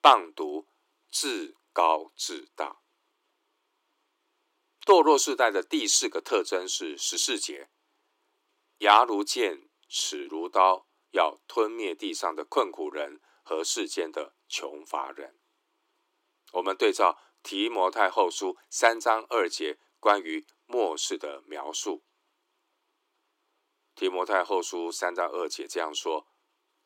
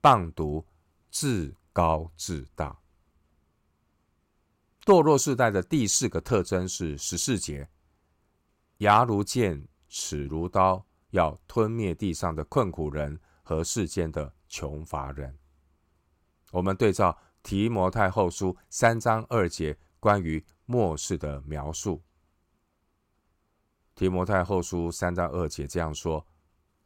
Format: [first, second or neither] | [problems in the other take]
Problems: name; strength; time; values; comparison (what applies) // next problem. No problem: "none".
second | thin; very; fading below 300 Hz